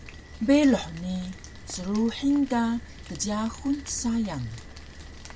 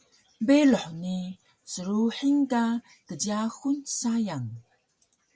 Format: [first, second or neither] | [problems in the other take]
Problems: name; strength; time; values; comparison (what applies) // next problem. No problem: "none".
second | background sound (Rain); 15 dB below the speech